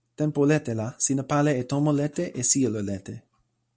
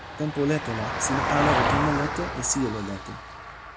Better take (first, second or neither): first